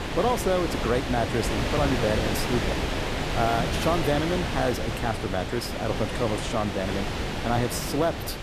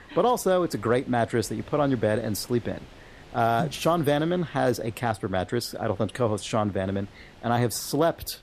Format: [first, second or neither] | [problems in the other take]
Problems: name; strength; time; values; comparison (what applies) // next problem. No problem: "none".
second | wind noise on the microphone; heavy; 2 dB below the speech; occasional gusts in the second